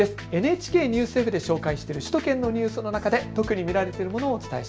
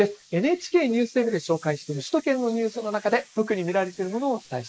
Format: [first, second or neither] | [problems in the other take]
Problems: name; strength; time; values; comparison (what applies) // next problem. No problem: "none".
first | noise reduction (neural mask model Resemble Enhance denoiser)